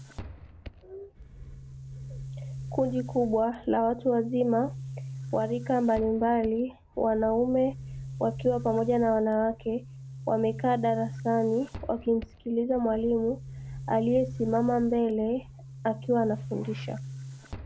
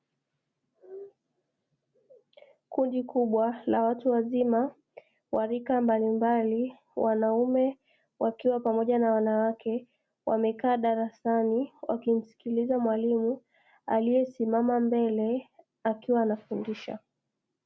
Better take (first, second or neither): second